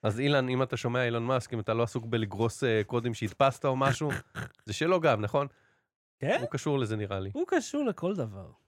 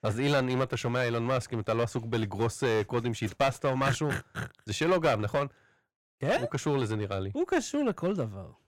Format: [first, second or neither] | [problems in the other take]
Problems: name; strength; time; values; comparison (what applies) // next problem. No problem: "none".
first | distortion; slight; 6% of the sound clipped